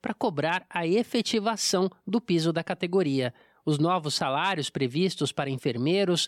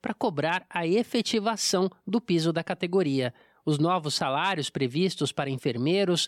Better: neither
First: none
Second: none

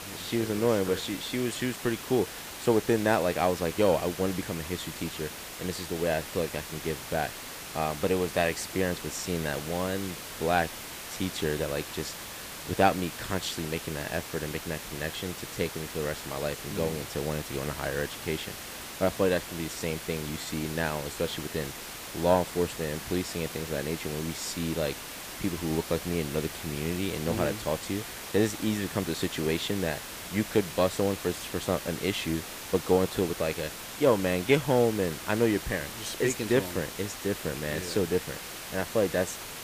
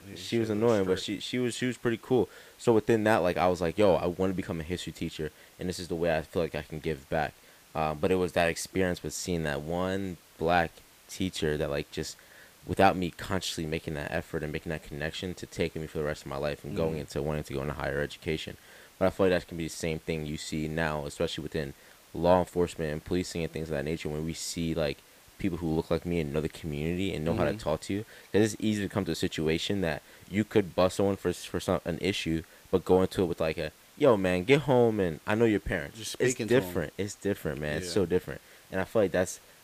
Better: second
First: hiss; loud; throughout; 8 dB below the speech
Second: hiss; faint; throughout; 25 dB below the speech

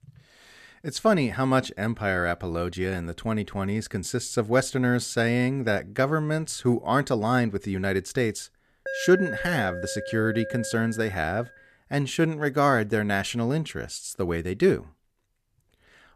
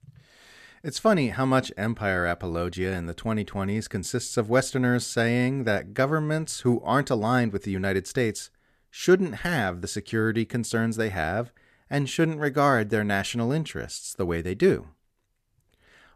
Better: second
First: alarm; noticeable; from 9 to 11 s; peak 5 dB below the speech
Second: none

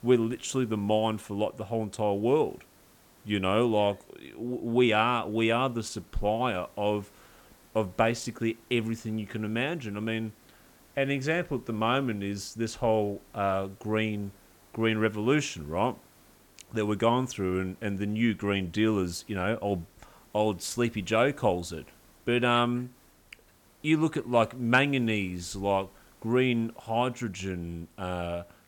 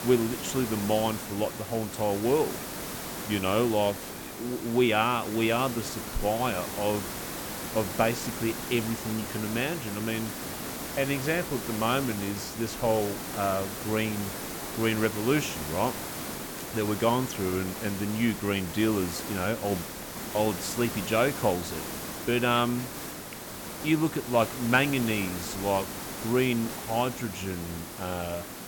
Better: first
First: hiss; faint; throughout; 30 dB below the speech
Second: hiss; loud; throughout; 7 dB below the speech

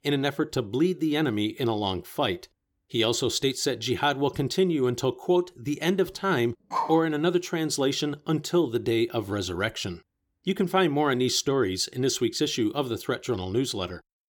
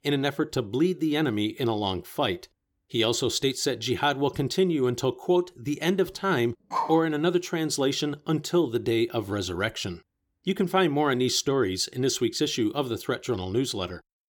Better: neither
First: dog barking; noticeable; at 6.5 s; peak 4 dB below the speech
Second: dog barking; noticeable; at 6.5 s; peak 4 dB below the speech

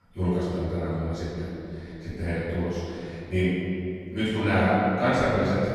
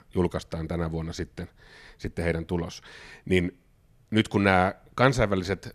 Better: second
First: room echo; strong; dies away in 2.7 s // off-mic speech; far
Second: none

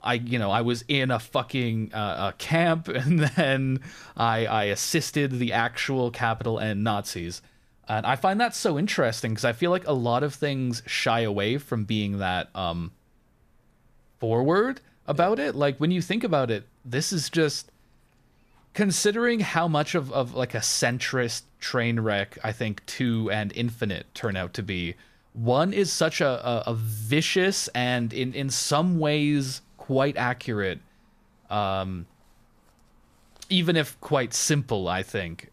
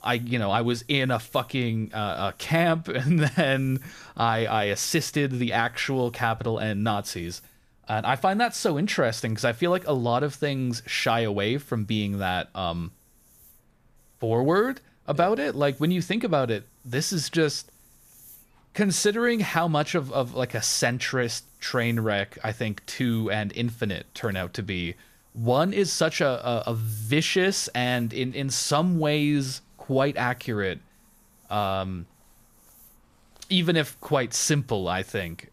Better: first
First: none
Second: hiss; faint; throughout; 30 dB below the speech

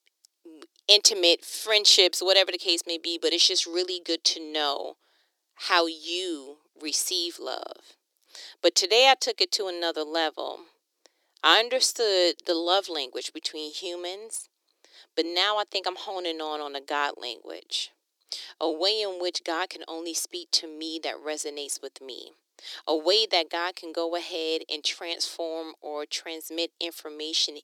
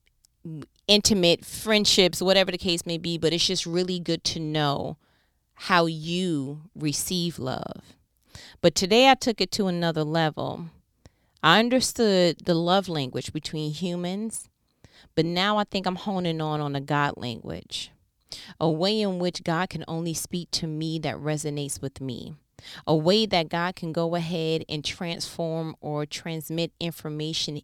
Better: second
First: thin; very; fading below 350 Hz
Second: none

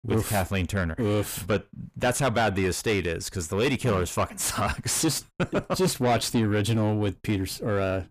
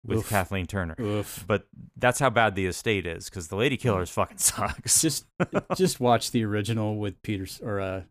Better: second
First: distortion; heavy; 6 dB below the speech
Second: none

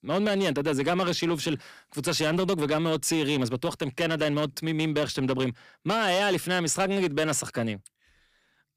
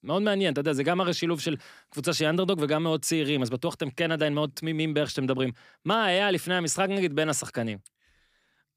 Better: second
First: distortion; slight; 8% of the sound clipped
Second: none

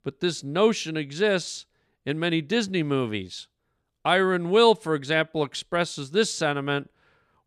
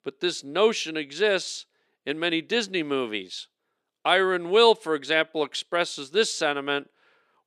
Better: first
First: none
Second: thin; very slightly; fading below 350 Hz

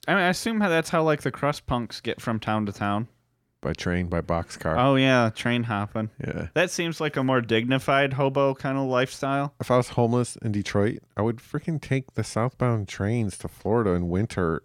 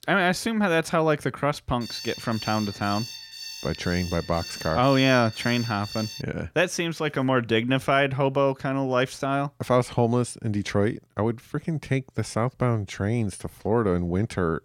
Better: first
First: none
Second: alarm; noticeable; from 2 to 6 s; peak 9 dB below the speech

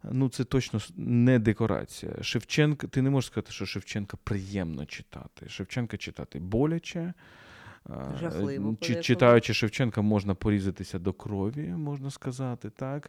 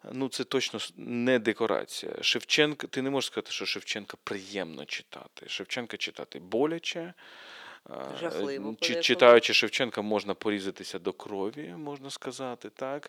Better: first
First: none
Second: thin; somewhat; fading below 450 Hz

